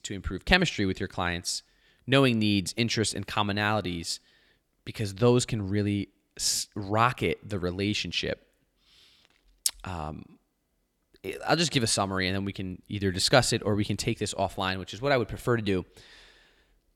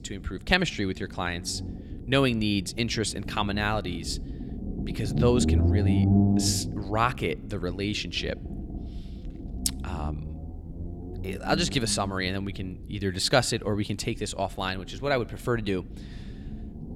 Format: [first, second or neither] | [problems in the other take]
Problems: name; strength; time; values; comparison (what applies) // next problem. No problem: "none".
first | low rumble; noticeable; throughout; 10 dB below the speech